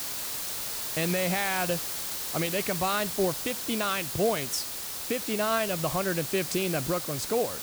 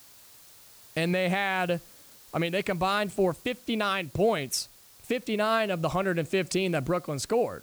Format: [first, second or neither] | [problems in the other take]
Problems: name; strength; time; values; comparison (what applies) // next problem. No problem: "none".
second | hiss; loud; throughout; 2 dB below the speech; faint in the second